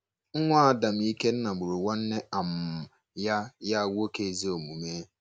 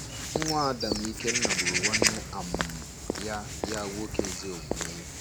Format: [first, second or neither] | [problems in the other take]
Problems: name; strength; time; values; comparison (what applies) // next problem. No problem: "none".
first | background sound (Walk, footsteps / Bird vocalization, bird call, bird song); 4 dB above the speech